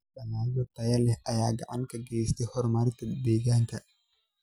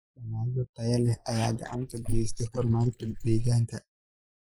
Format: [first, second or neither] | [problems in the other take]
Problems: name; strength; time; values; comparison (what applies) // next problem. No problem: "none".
first | noise reduction (neural mask model Resemble Enhance denoiser)